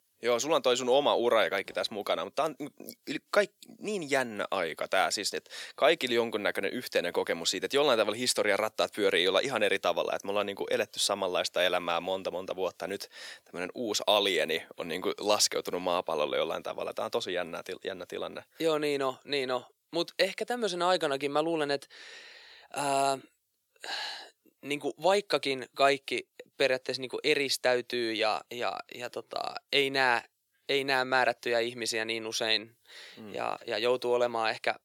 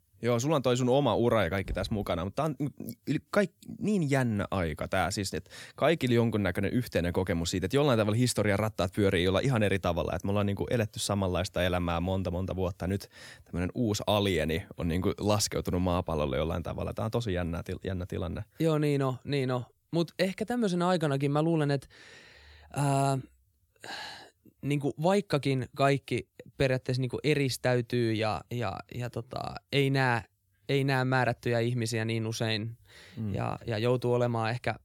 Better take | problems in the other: second | thin; somewhat; fading below 450 Hz

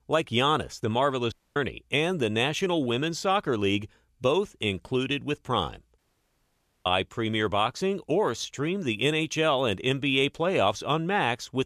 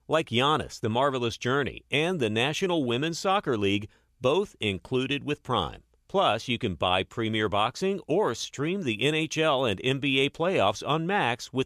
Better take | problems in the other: second | audio cutting out; at 1.5 s and at 6 s for 1 s

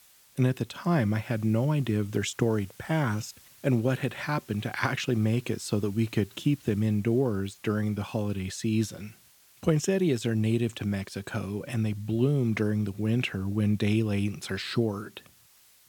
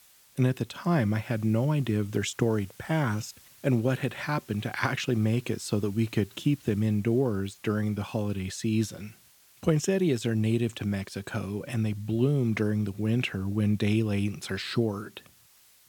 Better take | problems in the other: neither | hiss; faint; throughout; 25 dB below the speech; the same in both

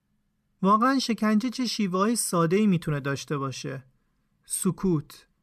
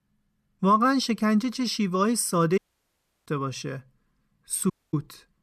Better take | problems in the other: first | audio cutting out; at 2.5 s for 0.5 s and at 4.5 s

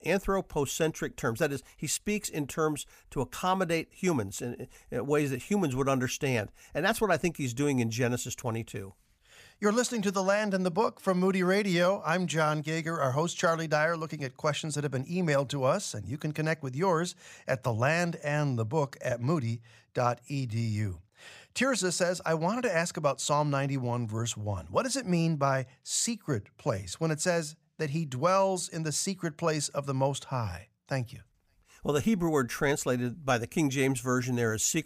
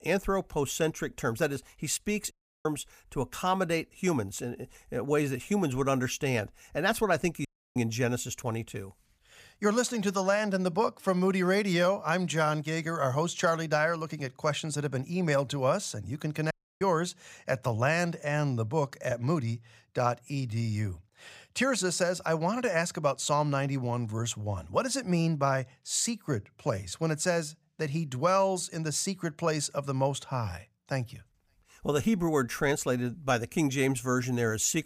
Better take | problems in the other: first | audio cutting out; at 2.5 s, at 7.5 s and at 17 s

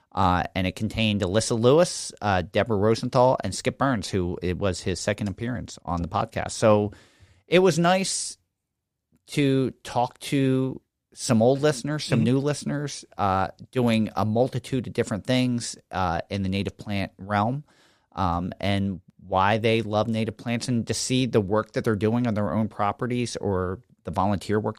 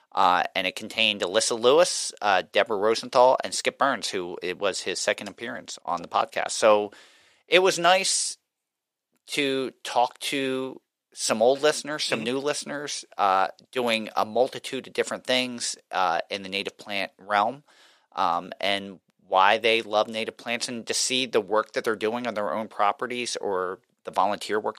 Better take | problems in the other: first | thin; somewhat; fading below 500 Hz

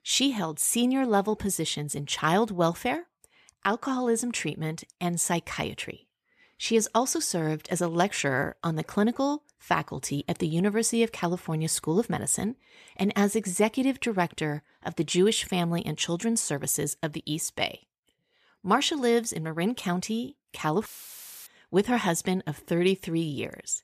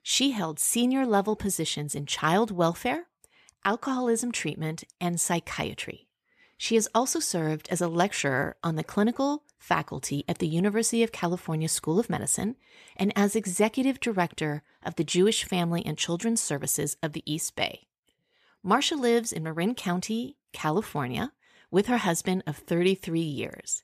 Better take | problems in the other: second | audio cutting out; filled with static; at 21 s for 0.5 s

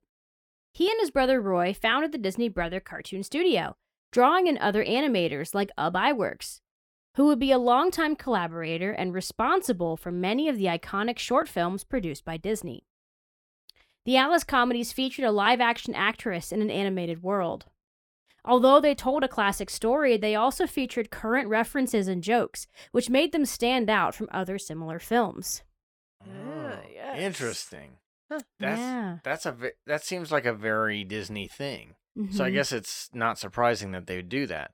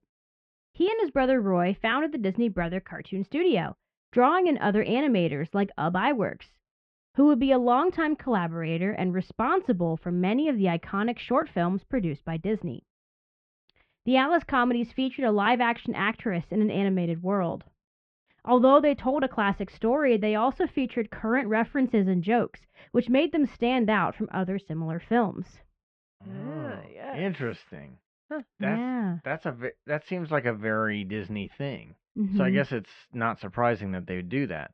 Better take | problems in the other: first | muffled; very; fading above 3 kHz

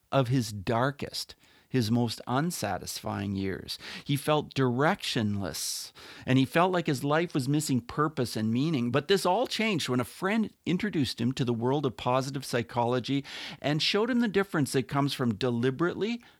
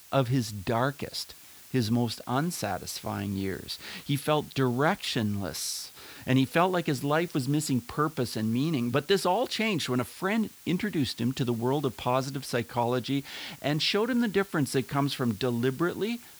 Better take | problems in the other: first | hiss; noticeable; throughout; 20 dB below the speech

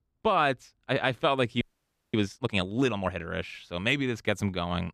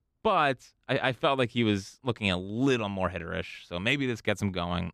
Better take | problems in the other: second | audio freezing; at 1.5 s for 0.5 s

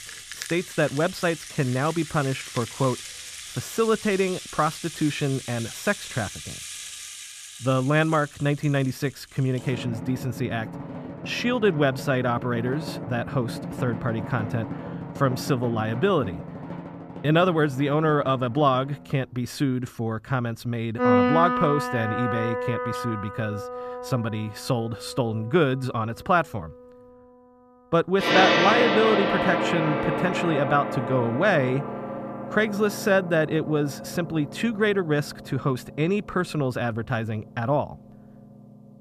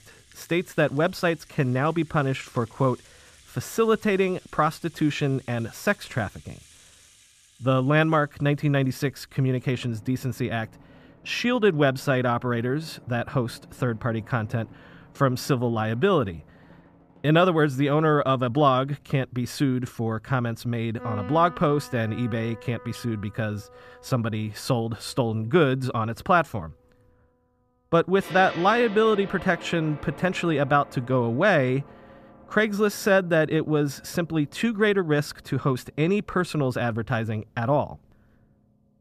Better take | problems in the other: second | background music; loud; throughout; 4 dB below the speech; faint in the second

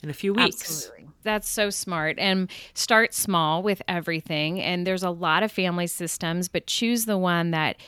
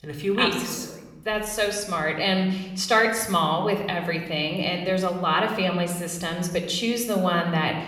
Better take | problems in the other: first | room echo; slight; dies away in 0.9 s

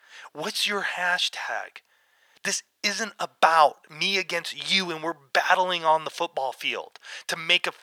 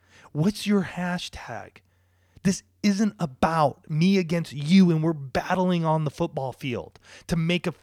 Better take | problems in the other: second | thin; very; fading below 800 Hz

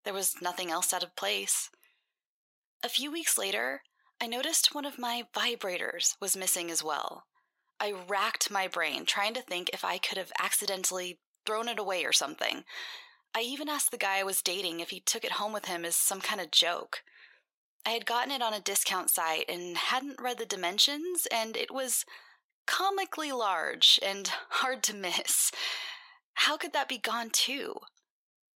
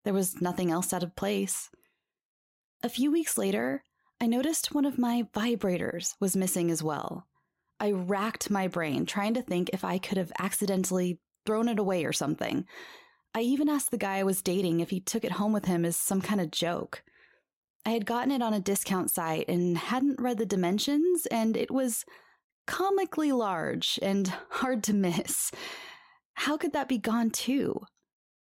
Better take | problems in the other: second | thin; very; fading below 700 Hz

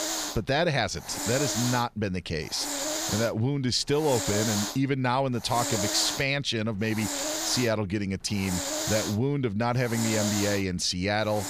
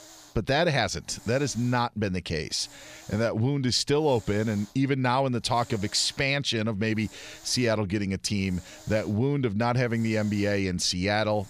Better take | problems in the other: second | hiss; loud; throughout; 3 dB below the speech; faint in the second

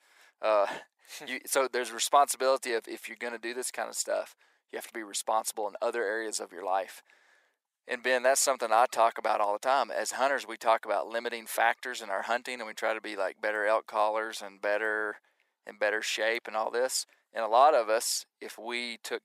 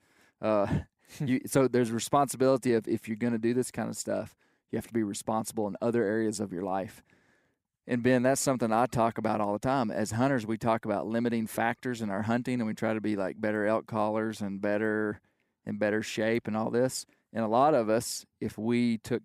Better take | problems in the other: second | thin; very; fading below 600 Hz

